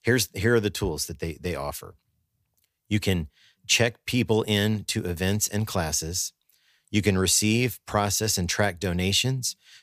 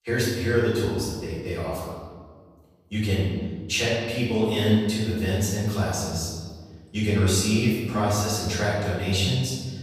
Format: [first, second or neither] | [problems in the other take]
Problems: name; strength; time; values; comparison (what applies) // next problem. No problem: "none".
first | off-mic speech; far // room echo; strong; dies away in 1.6 s